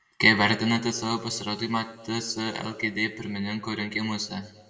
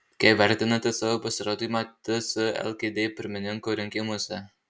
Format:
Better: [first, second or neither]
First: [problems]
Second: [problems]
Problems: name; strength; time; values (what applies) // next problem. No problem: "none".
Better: second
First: room echo; dies away in 1.8 s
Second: none